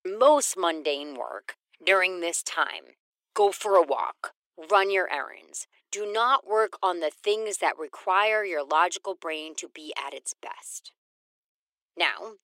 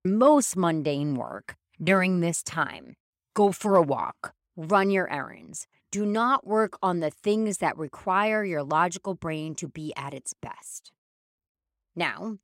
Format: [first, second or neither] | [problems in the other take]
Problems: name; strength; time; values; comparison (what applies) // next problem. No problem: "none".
second | thin; very; fading below 350 Hz